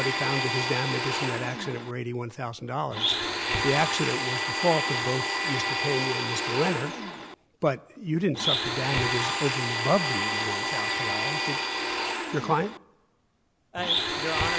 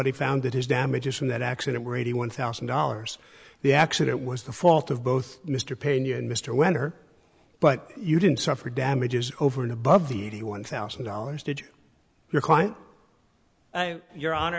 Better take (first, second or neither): second